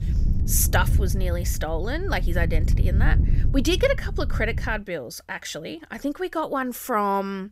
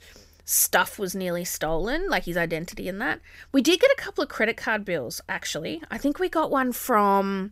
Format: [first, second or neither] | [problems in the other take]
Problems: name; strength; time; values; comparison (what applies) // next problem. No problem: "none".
second | wind noise on the microphone; occasional gusts; until 5 s; 15 dB below the speech